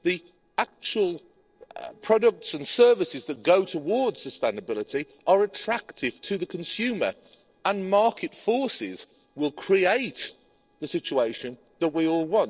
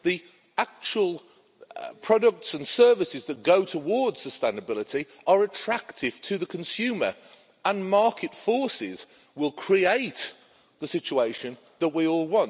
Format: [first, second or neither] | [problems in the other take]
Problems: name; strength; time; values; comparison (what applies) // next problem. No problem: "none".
second | noise reduction (neural separator model SepFormer DNS4)